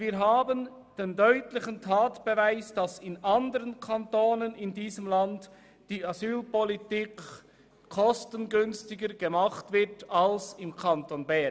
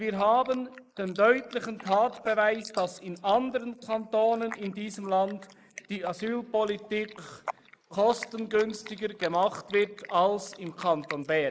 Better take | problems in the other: first | noise reduction (neural mask model Resemble Enhance denoiser)

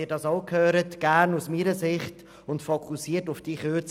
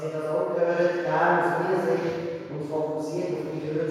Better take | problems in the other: first | room echo; dies away in 2.2 s

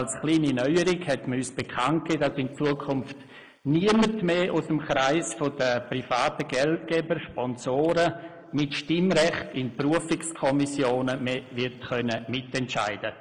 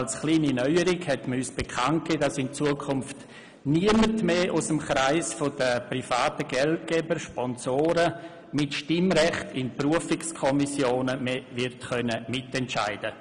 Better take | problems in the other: second | noise reduction (neural mask model Resemble Enhance denoiser)

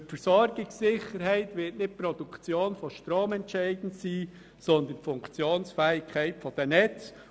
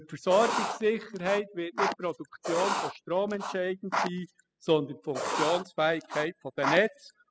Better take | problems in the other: first | noise reduction (classical method spectral subtraction)

